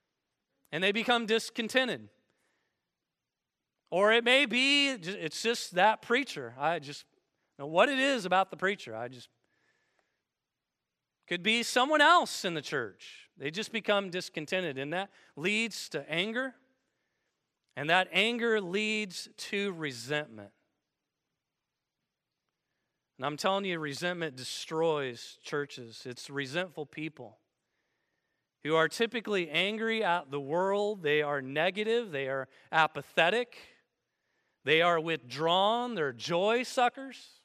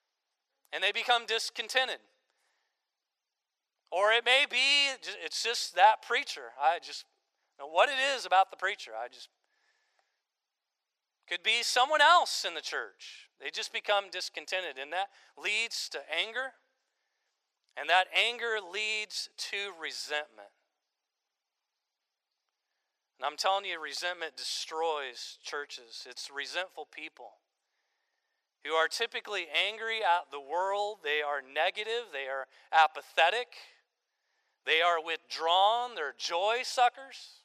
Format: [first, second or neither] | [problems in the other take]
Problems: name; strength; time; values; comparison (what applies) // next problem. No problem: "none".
first | thin; very; fading below 550 Hz